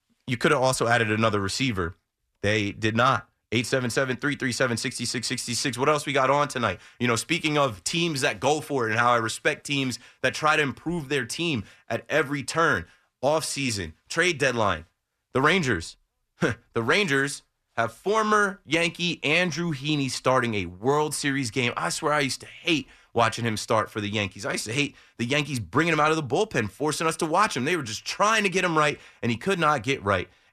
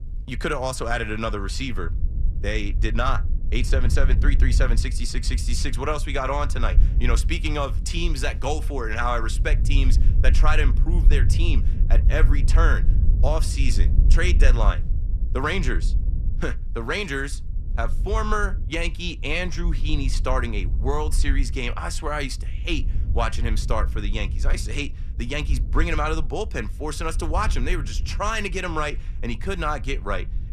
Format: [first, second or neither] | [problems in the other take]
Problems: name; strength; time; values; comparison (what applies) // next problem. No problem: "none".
first | wind noise on the microphone; occasional gusts; 15 dB below the speech